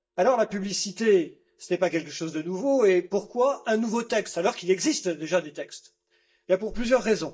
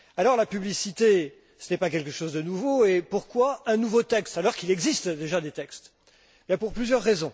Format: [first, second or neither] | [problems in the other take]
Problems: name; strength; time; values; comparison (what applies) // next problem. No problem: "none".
second | noise reduction (neural mask model DeepFilterNet 3)